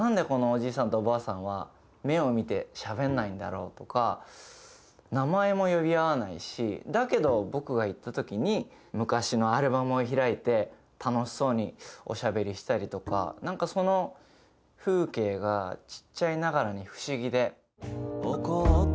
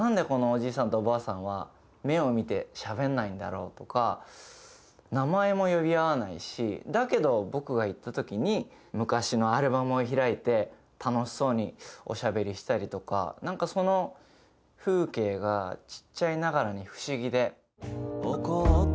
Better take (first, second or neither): second